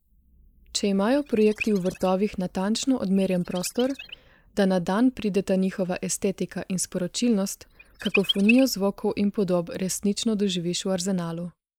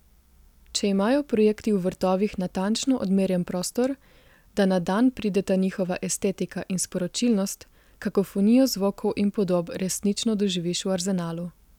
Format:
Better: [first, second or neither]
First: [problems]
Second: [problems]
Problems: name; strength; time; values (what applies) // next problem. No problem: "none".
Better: second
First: noise reduction (neural mask model Resemble Enhance denoiser)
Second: none